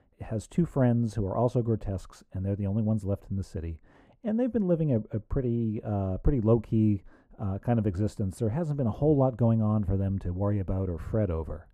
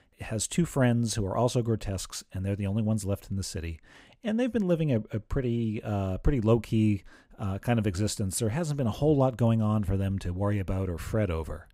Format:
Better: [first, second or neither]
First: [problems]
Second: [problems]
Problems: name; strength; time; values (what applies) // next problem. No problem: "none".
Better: second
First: muffled; very; fading above 1.5 kHz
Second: none